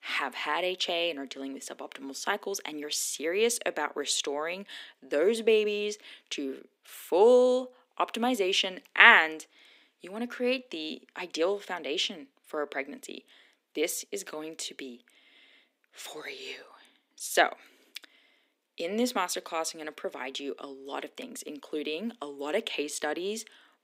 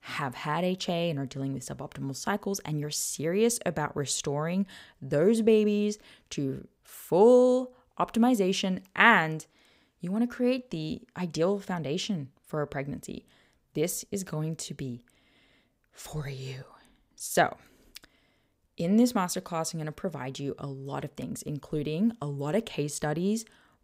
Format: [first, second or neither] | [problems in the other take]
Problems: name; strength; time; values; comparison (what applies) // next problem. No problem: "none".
second | thin; somewhat; fading below 250 Hz